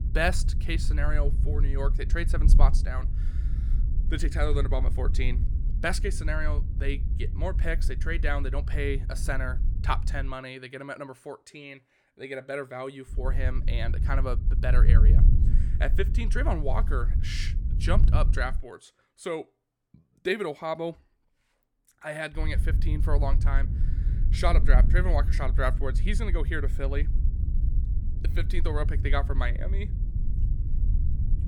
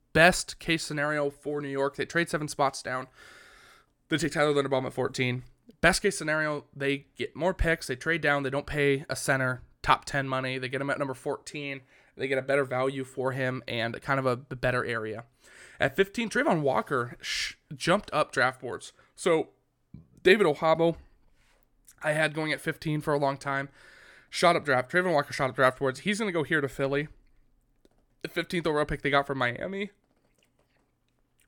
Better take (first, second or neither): second